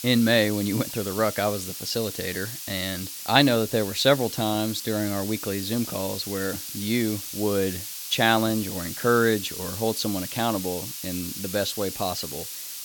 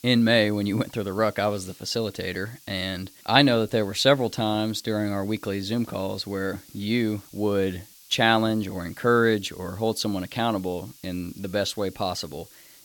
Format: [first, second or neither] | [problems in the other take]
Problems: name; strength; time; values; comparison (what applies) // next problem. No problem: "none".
second | hiss; loud; throughout; 7 dB below the speech; faint in the second